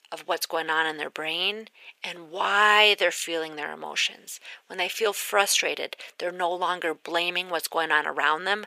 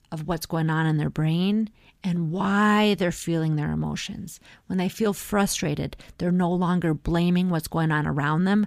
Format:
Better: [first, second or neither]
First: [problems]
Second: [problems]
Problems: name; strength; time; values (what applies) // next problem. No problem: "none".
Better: second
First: thin; very; fading below 500 Hz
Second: none